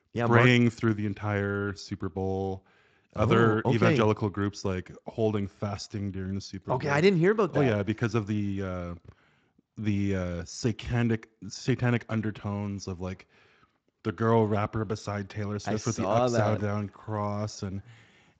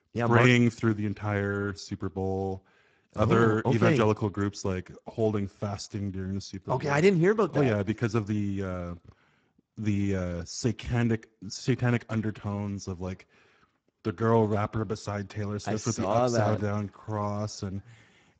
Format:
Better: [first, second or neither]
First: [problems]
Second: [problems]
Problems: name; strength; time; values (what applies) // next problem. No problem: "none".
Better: first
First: garbled, watery; slightly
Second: garbled, watery; badly; nothing above 7.5 kHz